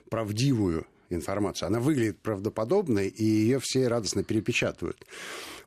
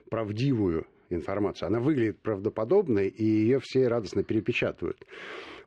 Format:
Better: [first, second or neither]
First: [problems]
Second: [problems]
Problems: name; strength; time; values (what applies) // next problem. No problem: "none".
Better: first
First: none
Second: muffled; slightly; fading above 2.5 kHz